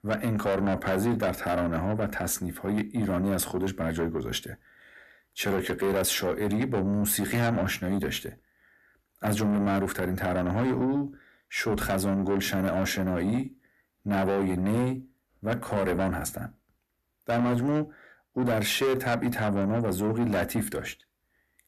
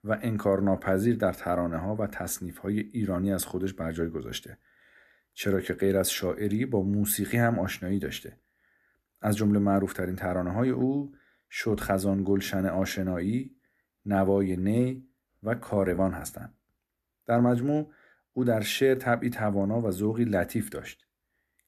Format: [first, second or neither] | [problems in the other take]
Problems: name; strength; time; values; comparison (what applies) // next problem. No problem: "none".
second | distortion; heavy; 8 dB below the speech